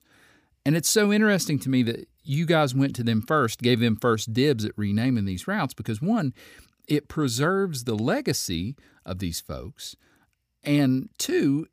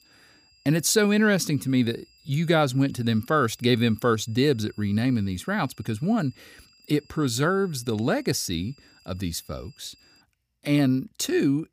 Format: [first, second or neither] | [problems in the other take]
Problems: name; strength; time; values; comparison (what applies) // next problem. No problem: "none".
first | high-pitched whine; faint; until 10 s; 5 kHz, 30 dB below the speech